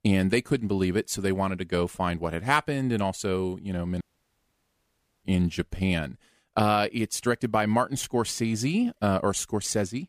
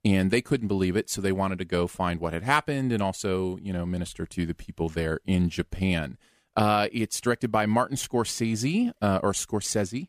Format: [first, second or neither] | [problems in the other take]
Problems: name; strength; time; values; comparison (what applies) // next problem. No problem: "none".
second | audio cutting out; at 4 s for 1 s